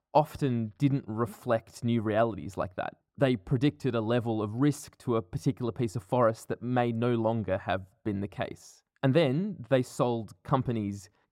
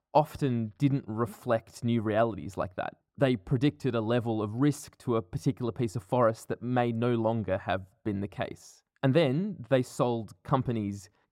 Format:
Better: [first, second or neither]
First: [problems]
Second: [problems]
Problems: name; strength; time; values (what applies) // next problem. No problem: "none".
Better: neither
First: muffled; slightly; fading above 1 kHz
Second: muffled; slightly; fading above 1 kHz